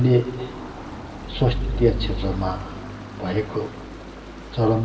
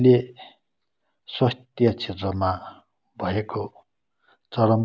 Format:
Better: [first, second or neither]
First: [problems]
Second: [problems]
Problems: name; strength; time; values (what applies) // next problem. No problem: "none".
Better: second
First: background sound (Stream); 6 dB below the speech // room echo; dies away in 2.7 s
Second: none